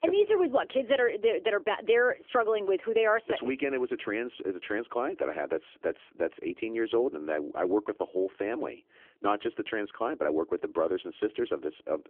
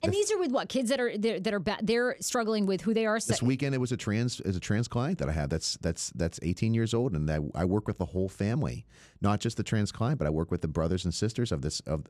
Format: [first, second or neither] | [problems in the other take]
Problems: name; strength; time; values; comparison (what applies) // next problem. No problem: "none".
second | phone-call audio; nothing above 3.5 kHz